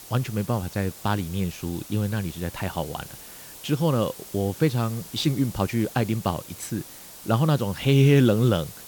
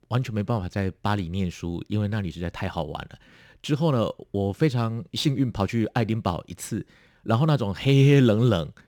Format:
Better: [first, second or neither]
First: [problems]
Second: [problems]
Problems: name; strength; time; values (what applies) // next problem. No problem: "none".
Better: second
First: hiss; noticeable; throughout; 15 dB below the speech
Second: none